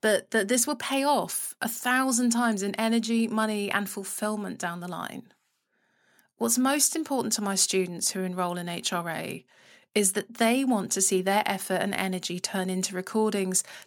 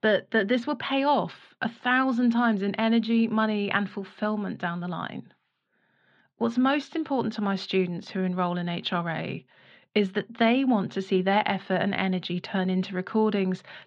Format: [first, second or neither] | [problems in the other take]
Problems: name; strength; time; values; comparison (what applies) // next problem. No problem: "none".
first | muffled; very; fading above 3.5 kHz